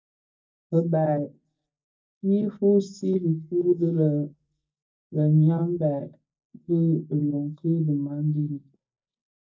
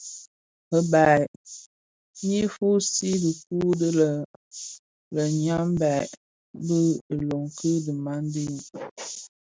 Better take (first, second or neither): second